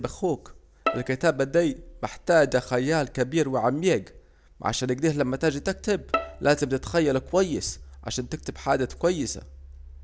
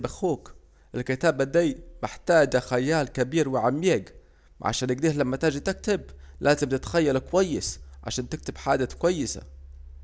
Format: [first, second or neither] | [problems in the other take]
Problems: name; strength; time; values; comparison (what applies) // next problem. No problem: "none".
second | background sound (Bowed string instrument); 9 dB below the speech